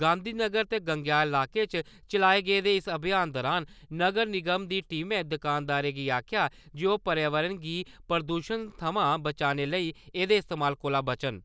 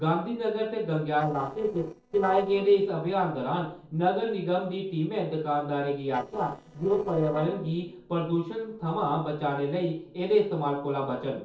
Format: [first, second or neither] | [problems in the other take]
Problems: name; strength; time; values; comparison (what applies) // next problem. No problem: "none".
first | noise reduction (neural separator model SepFormer DNS4)